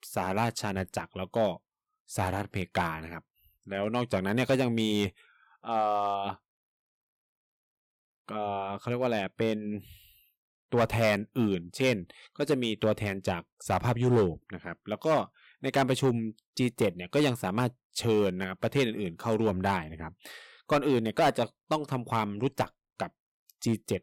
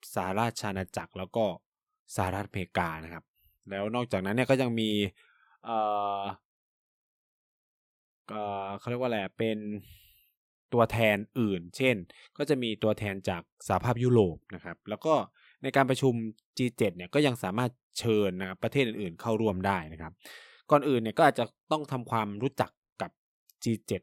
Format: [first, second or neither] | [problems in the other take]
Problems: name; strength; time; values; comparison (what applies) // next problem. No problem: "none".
second | distortion; slight; 3% of the sound clipped